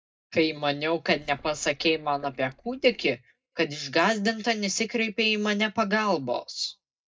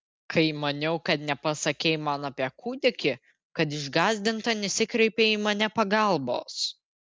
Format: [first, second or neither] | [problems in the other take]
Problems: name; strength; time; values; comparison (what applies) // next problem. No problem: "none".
second | noise reduction (neural mask model DeepFilterNet 3)